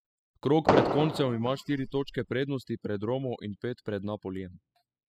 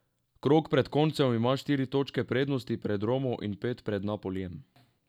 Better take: second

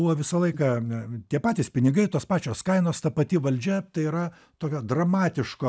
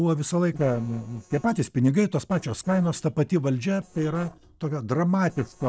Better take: first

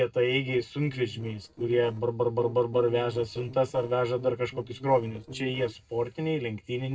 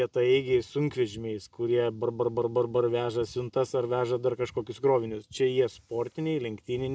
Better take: second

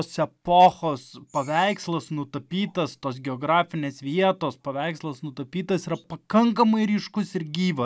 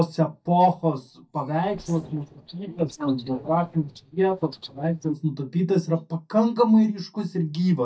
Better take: first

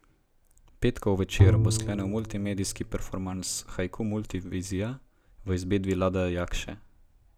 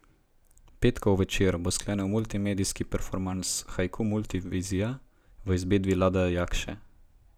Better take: second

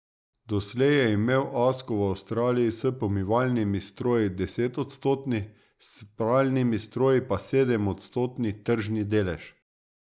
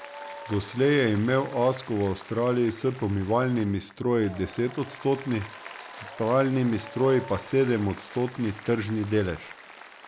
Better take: first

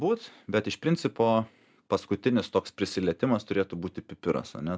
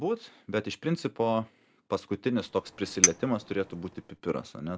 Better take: first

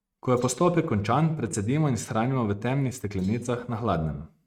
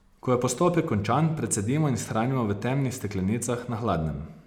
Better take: second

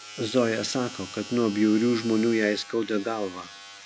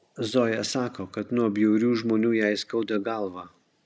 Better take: second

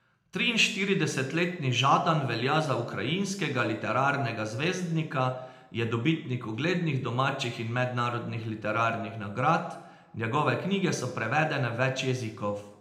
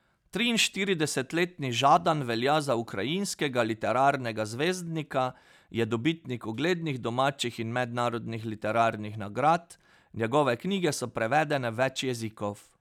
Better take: second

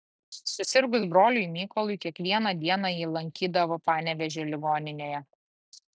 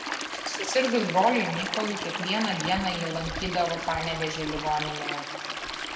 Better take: first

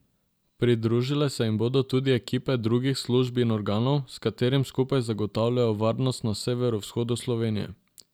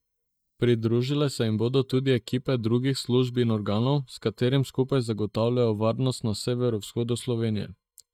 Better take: first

